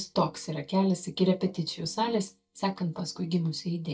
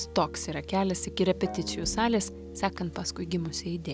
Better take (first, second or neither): second